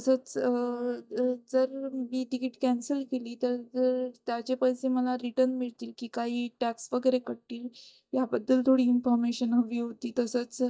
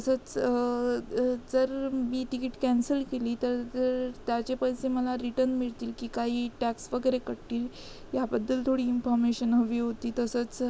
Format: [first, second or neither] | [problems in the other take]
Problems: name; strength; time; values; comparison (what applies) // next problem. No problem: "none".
second | noise reduction (neural mask model DeepFilterNet 3)